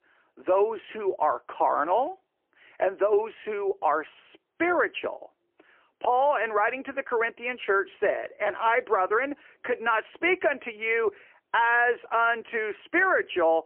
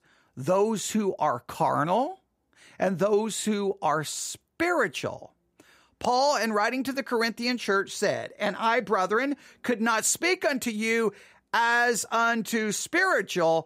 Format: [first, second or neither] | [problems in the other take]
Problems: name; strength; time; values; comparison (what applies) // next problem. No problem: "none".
second | phone-call audio; poor line; nothing above 3 kHz